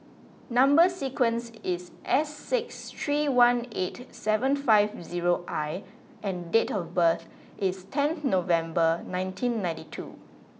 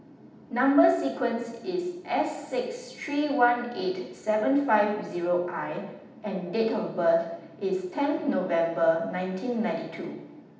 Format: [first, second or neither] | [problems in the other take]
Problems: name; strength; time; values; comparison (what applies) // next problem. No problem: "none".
first | room echo; dies away in 0.8 s